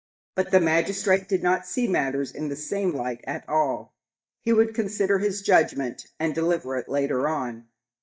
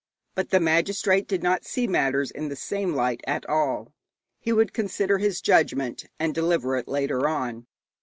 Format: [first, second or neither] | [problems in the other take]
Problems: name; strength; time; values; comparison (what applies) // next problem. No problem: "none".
second | noise reduction (neural mask model DeepFilterNet 3)